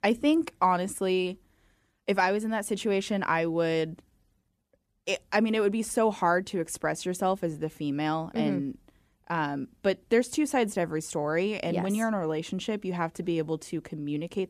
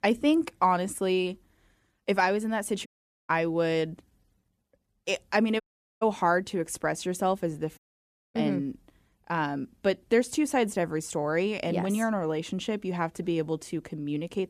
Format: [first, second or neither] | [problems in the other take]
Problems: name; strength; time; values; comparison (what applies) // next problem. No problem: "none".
first | audio cutting out; at 3 s, at 5.5 s and at 8 s for 0.5 s